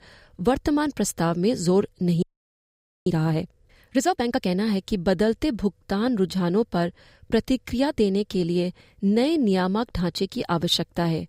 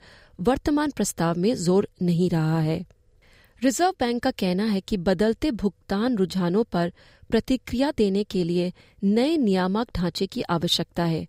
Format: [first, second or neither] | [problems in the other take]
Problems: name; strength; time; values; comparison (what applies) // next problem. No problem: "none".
second | audio freezing; at 2 s for 1 s